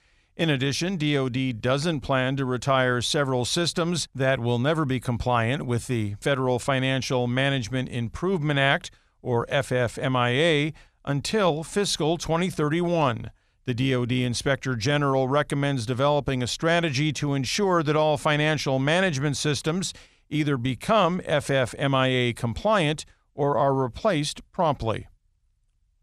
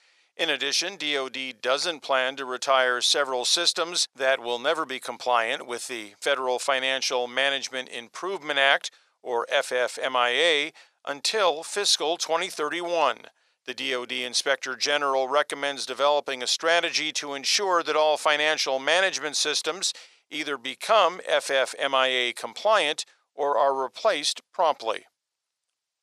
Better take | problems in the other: first | thin; very; fading below 500 Hz

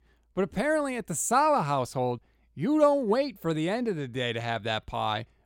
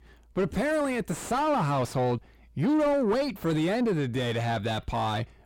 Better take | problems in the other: first | distortion; heavy; 6 dB below the speech

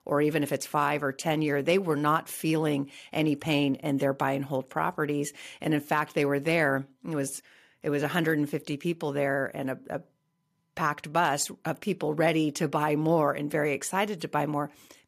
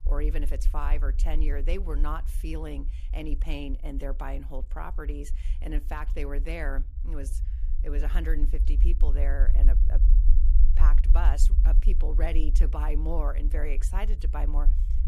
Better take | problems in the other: first | low rumble; noticeable; throughout; 10 dB below the speech

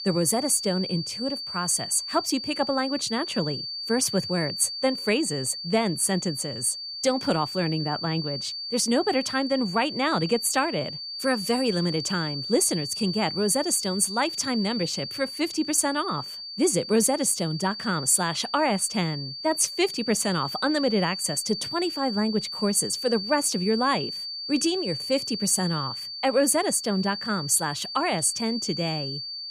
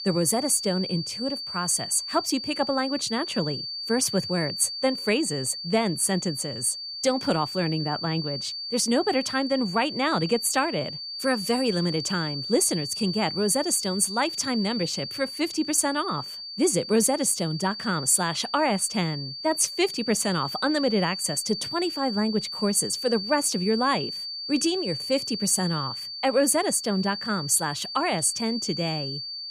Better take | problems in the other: neither | high-pitched whine; loud; throughout; 4.5 kHz, 6 dB below the speech; the same in both

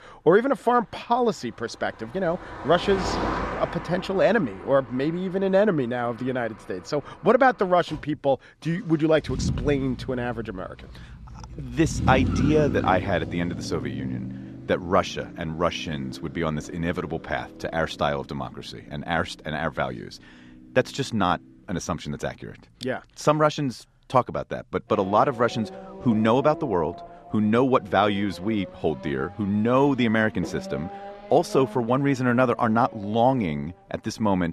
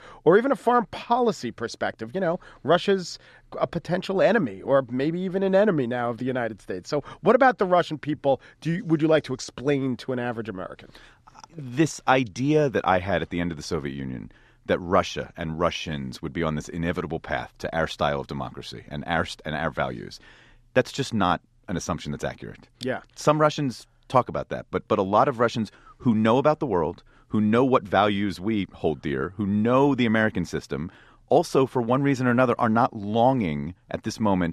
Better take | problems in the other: second | traffic noise; noticeable; throughout; 10 dB below the speech

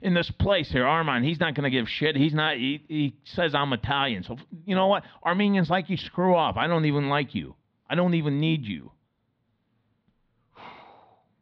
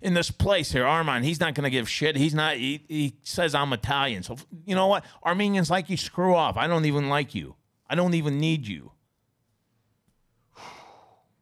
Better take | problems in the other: second | muffled; slightly; fading above 4 kHz

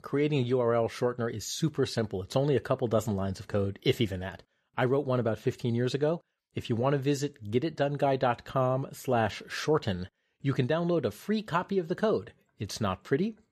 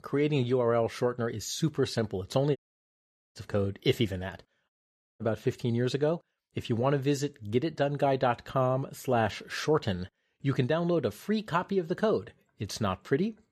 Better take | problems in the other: first | audio cutting out; at 2.5 s for 1 s and at 4.5 s

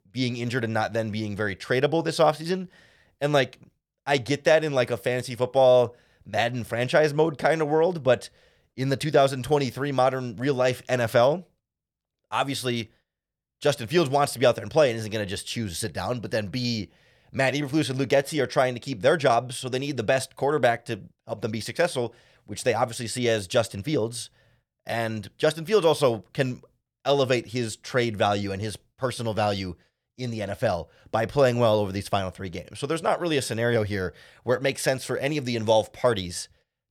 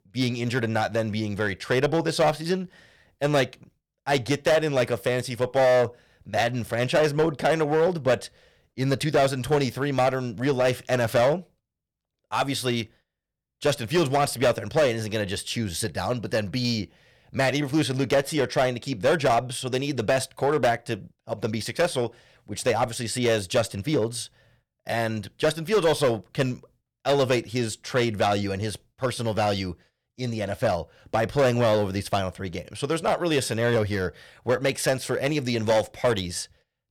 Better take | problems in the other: first | distortion; slight; 5% of the sound clipped

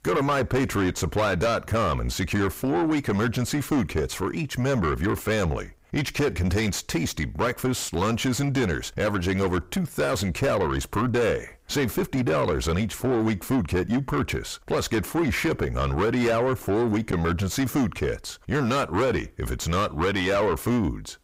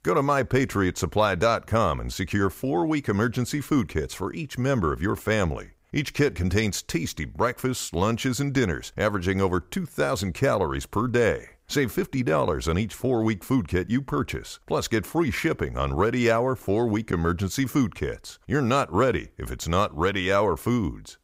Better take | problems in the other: second | distortion; heavy; 7 dB below the speech

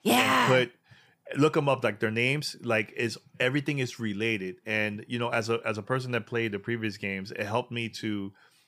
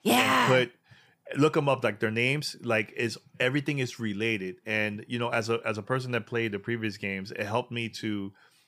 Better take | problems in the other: neither | none

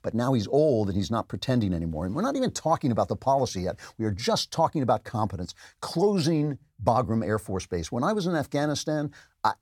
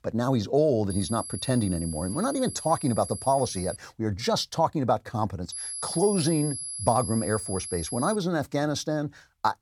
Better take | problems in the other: first | high-pitched whine; loud; from 1 to 4 s and from 5.5 to 8 s; 11 kHz, 7 dB below the speech

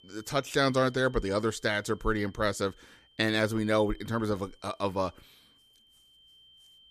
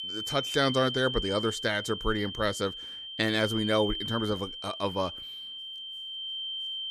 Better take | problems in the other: first | high-pitched whine; loud; throughout; 3 kHz, 5 dB below the speech; faint in the first

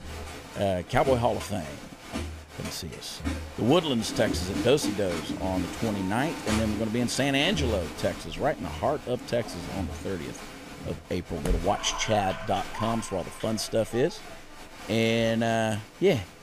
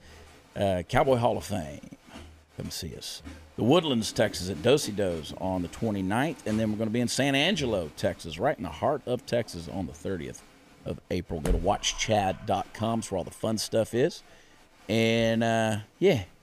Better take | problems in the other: second | crowd noise; loud; throughout; 9 dB below the speech; faint in the second

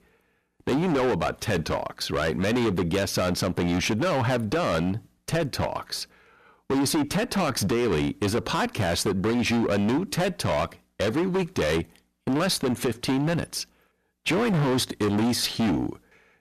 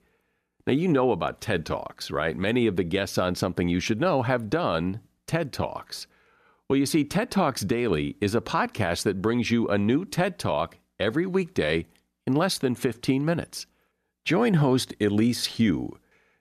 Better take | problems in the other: second | distortion; heavy; 22% of the sound clipped

